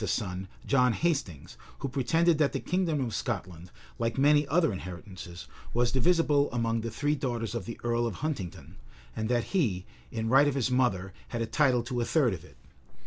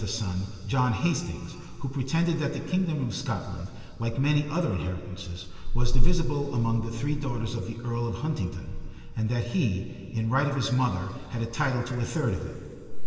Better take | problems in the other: first | room echo; dies away in 2.9 s

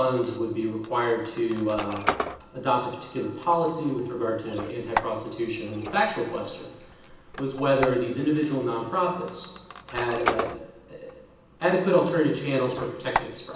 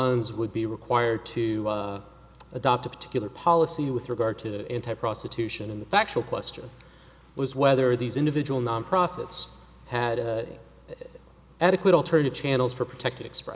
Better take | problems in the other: second | background sound (Squeak); 9 dB below the speech // room echo; dies away in 0.9 s

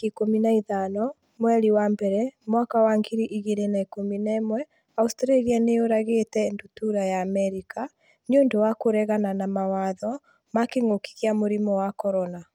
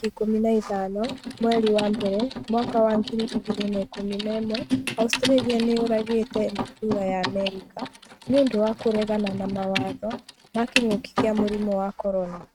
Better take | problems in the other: first | noise reduction (neural mask model RNNoise)

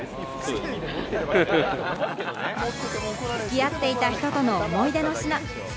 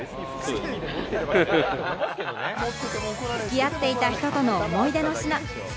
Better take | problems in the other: second | background sound (Wind); 17 dB below the speech

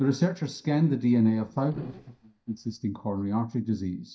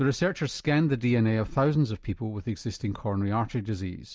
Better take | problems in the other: second | noise reduction (neural mask model DeepFilterNet 3)

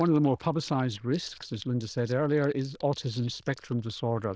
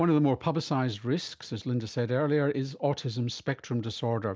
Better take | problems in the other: second | noise reduction (neural diffusion model UNIVERSE++)

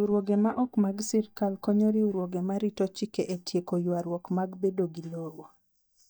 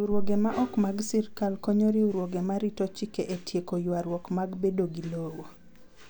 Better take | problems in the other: second | noise reduction (neural mask model DeepFilterNet 3)

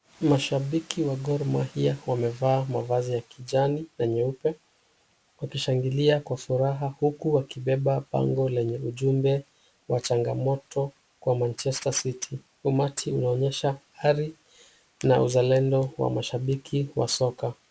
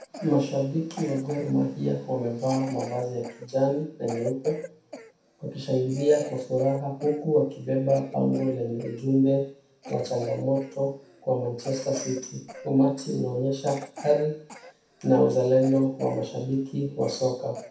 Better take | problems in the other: first | background sound (Cough); 17 dB below the speech // room echo; dies away in 0.6 s

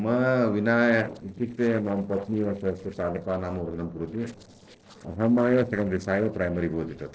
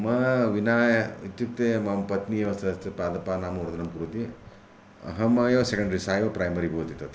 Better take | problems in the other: second | noise reduction (neural separator model SepFormer DNS4)

